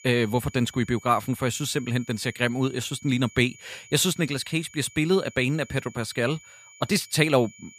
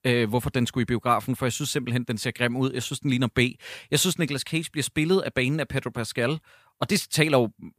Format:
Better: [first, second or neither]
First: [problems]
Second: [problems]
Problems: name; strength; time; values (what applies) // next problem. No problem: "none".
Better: second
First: high-pitched whine; faint; throughout; 2.5 kHz, 20 dB below the speech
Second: none